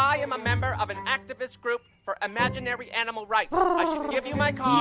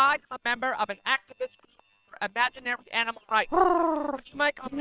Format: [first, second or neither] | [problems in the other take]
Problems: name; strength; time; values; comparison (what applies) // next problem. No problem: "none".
first | noise reduction (neural separator model SepFormer WHAM!)